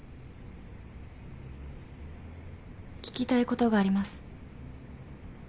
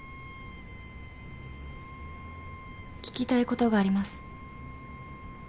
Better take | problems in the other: first | background sound (Wind instrument, woodwind instrument); 17 dB below the speech

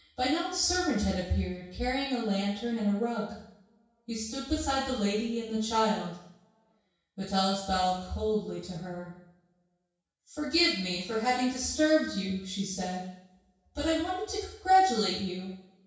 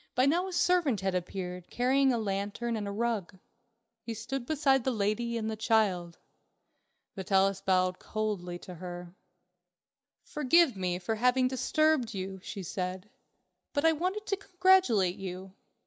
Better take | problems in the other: second | room echo; dies away in 0.6 s

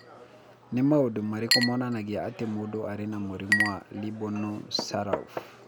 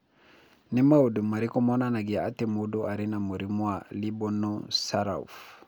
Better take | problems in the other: second | background sound (Chink, clink); 4 dB below the speech

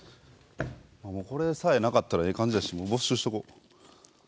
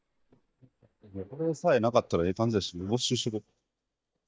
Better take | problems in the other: first | noise reduction (neural mask model DeepFilterNet 3)

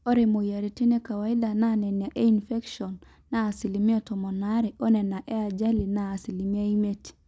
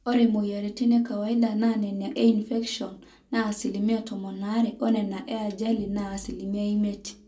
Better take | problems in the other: first | room echo; dies away in 0.2 s

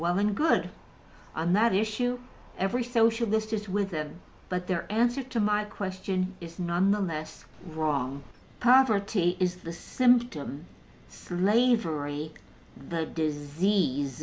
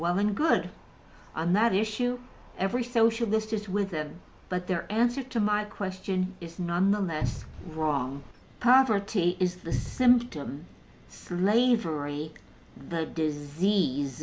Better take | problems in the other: first | background sound (Cupboard open or close); 6 dB below the speech

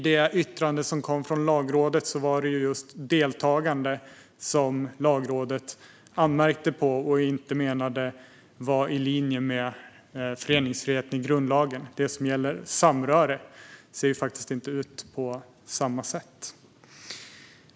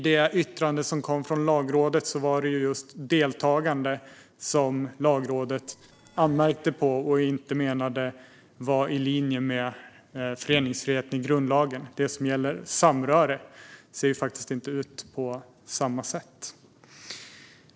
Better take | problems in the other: first | noise reduction (neural separator model SepFormer DNS4)

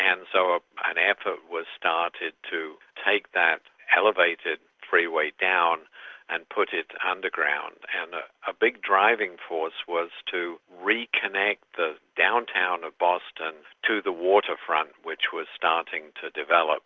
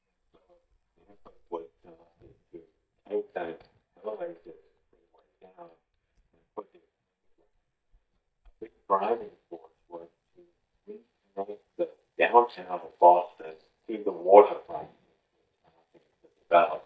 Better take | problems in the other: first | noise reduction (neural mask model DeepFilterNet 3)

